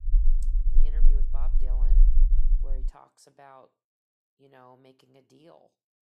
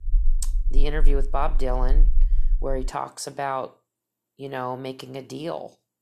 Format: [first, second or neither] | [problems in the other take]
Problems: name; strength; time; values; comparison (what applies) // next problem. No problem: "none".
second | low rumble; loud; until 3 s; 2 dB below the speech; faint in the second